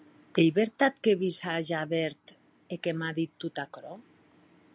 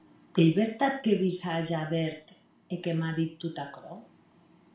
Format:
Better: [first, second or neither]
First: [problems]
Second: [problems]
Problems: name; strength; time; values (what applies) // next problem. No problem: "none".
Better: first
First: none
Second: room echo; dies away in 0.4 s